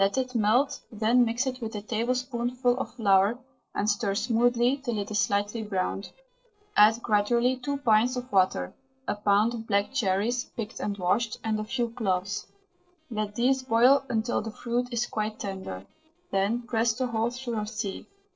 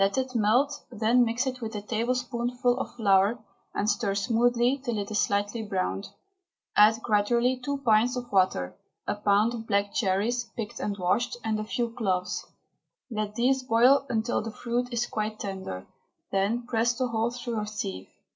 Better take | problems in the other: second | noise reduction (neural separator model SepFormer DNS4)

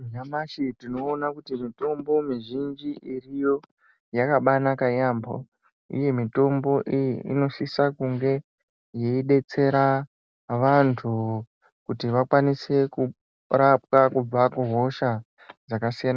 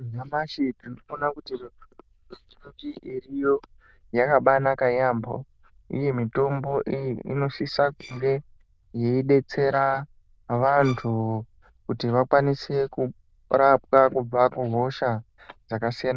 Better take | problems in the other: first | noise reduction (neural diffusion model UNIVERSE++)

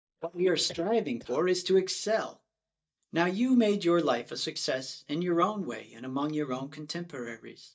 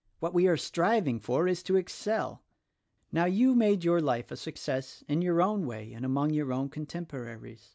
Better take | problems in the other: second | noise reduction (neural mask model DeepFilterNet 3)

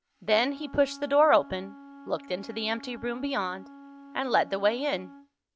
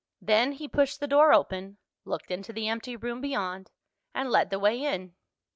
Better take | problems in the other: second | background sound (Wind instrument, woodwind instrument); 19 dB below the speech

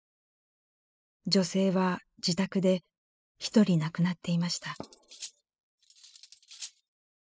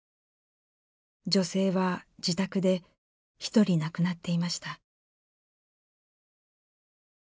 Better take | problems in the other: second | noise reduction (classical method spectral subtraction)

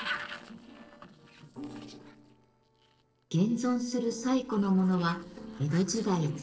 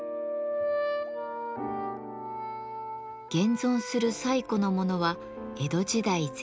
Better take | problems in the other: second | noise reduction (neural separator model SepFormer DNS4)

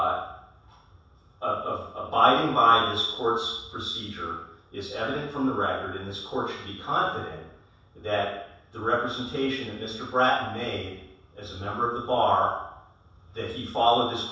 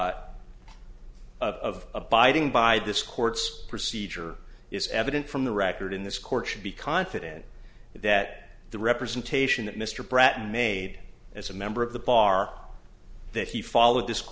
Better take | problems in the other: second | room echo; dies away in 0.7 s

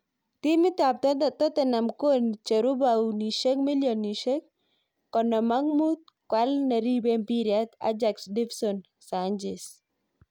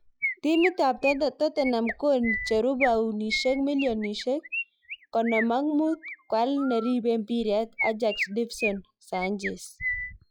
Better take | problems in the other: first | noise reduction (classical method log-MMSE)

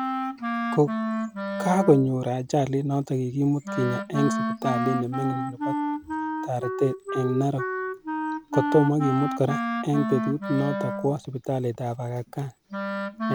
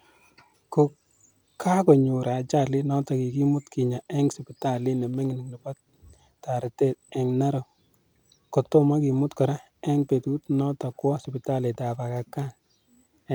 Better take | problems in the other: second | background sound (Wind instrument, woodwind instrument); 4 dB below the speech

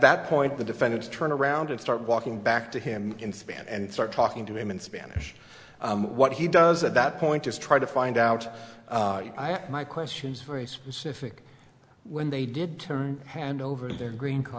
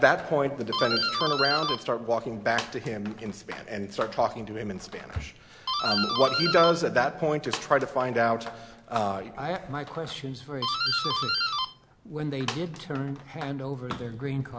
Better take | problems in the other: first | background sound (Doorbell); 5 dB below the speech

